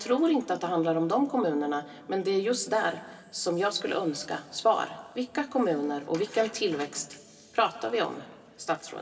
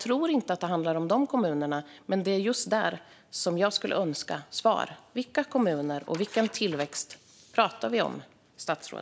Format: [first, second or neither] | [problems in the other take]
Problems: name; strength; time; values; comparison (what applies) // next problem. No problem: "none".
second | room echo; dies away in 2.6 s